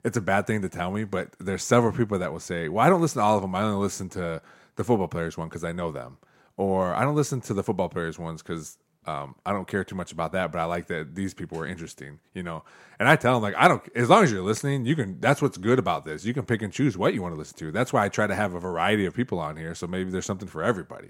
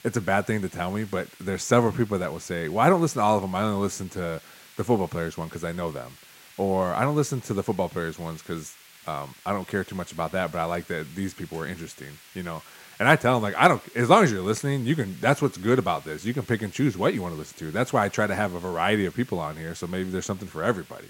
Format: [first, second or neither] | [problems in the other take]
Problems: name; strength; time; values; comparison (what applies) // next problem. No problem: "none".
first | hiss; faint; throughout; 20 dB below the speech